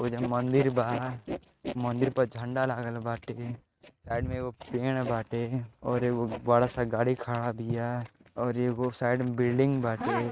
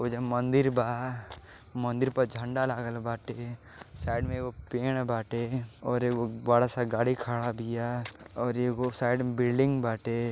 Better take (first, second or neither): second